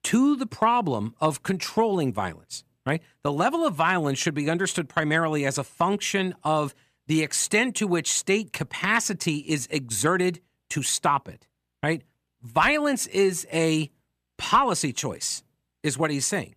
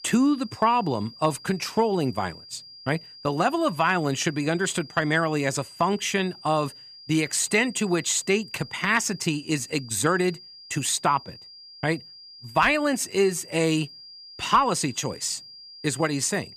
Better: first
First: none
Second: high-pitched whine; noticeable; throughout; 5 kHz, 20 dB below the speech

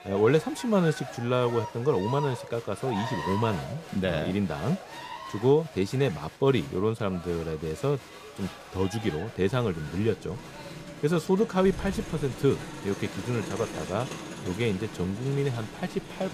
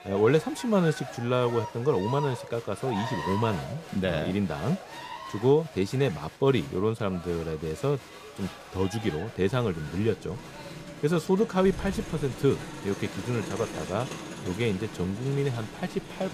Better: neither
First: crowd noise; noticeable; throughout; 10 dB below the speech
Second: crowd noise; noticeable; throughout; 10 dB below the speech

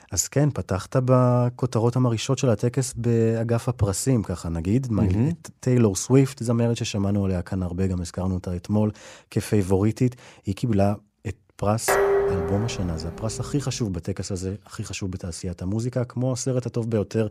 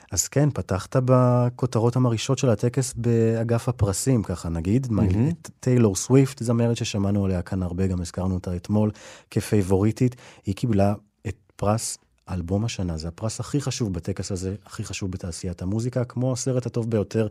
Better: second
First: clattering dishes; loud; from 12 to 14 s; peak 4 dB above the speech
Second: none

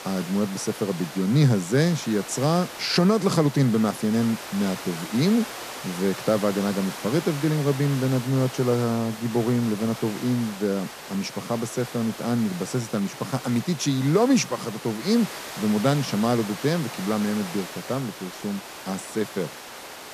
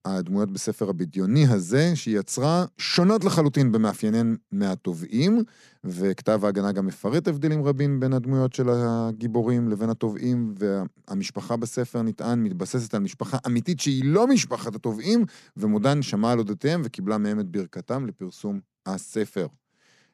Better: second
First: hiss; noticeable; throughout; 10 dB below the speech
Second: none

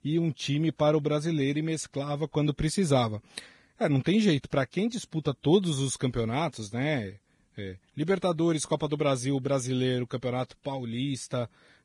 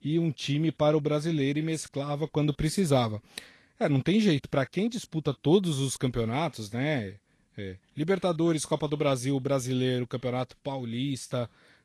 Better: second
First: garbled, watery; badly; nothing above 10 kHz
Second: garbled, watery; slightly; nothing above 13.5 kHz

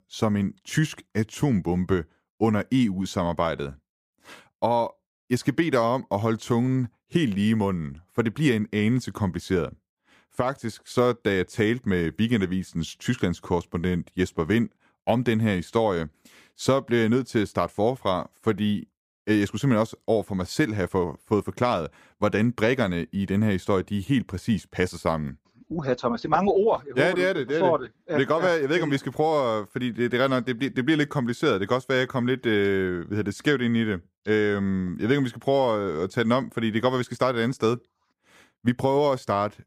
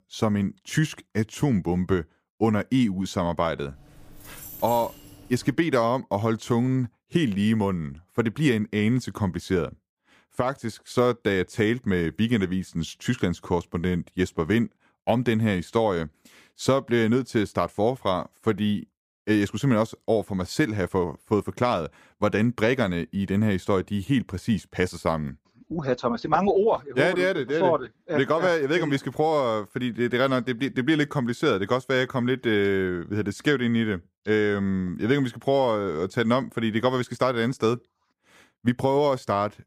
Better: first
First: none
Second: jangling keys; faint; from 4 to 5.5 s; peak 10 dB below the speech

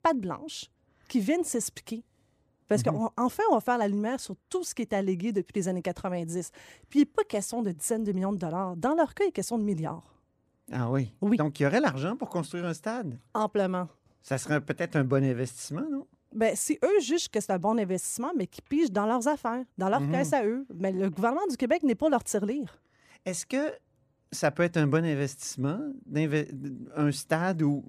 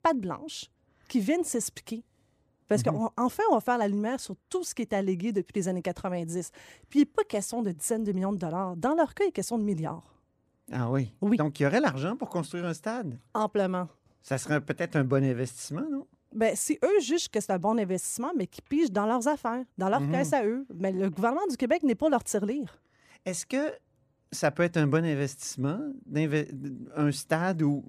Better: neither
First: none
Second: none

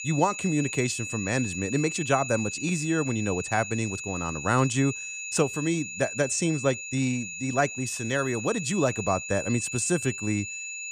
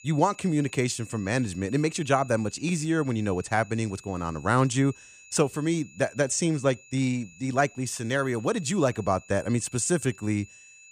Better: second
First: high-pitched whine; loud; throughout; 2.5 kHz, 6 dB below the speech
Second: high-pitched whine; faint; throughout; 2.5 kHz, 20 dB below the speech

